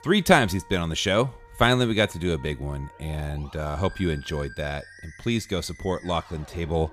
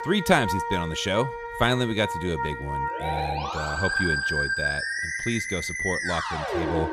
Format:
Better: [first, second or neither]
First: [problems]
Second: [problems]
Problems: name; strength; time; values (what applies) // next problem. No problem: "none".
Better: first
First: background music; faint; throughout; 20 dB below the speech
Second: background music; loud; throughout; as loud as the speech